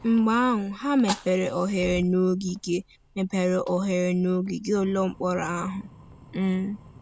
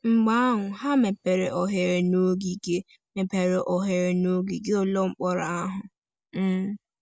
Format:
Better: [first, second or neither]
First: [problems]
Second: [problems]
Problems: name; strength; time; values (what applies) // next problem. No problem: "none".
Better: second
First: background sound (Fire); 18 dB below the speech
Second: none